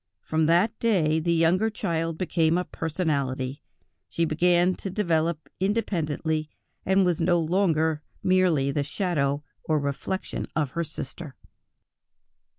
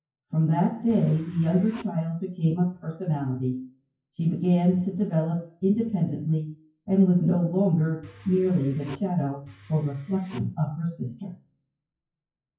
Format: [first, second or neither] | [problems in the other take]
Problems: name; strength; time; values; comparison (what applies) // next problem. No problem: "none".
first | noise reduction (classical method WPE with log-MMSE)